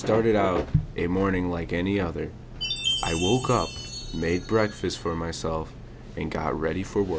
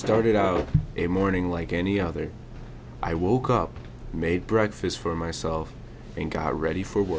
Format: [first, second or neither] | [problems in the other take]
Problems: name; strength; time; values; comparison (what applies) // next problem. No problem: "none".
second | background sound (Chime); 12 dB below the speech